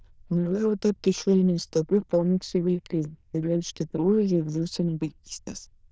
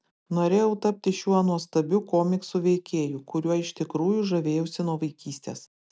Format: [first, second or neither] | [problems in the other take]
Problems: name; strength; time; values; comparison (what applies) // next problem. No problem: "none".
second | noise reduction (neural diffusion model UNIVERSE++)